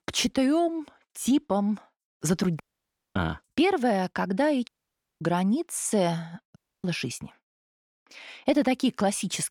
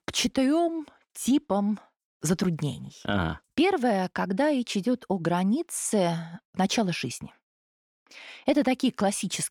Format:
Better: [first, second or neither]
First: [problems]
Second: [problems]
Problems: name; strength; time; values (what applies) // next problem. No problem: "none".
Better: second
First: audio cutting out; at 2.5 s for 0.5 s, at 4.5 s for 0.5 s and at 6.5 s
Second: none